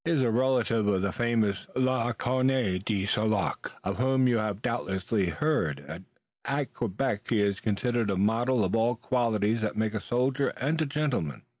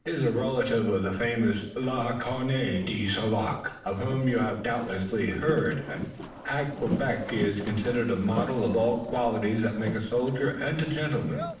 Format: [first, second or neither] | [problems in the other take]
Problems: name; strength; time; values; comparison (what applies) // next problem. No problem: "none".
first | noise reduction (neural separator model SepFormer DNS4)